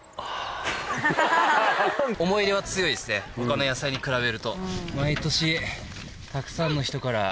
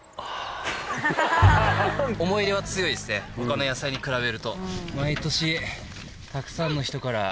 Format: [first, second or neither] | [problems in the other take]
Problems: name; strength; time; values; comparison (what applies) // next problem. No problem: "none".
first | background sound (Bowed string instrument); 2 dB below the speech